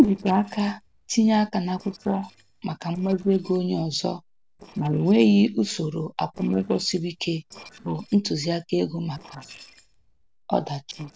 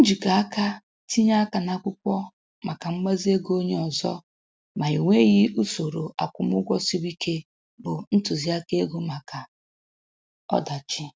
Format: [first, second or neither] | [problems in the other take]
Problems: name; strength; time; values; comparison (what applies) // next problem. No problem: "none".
second | noise reduction (neural separator model SepFormer DNS4)